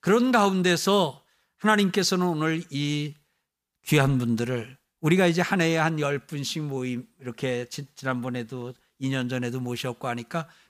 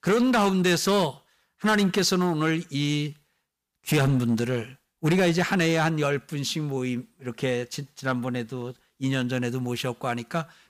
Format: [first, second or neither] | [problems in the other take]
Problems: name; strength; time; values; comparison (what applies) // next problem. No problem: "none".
first | distortion; slight; 5% of the sound clipped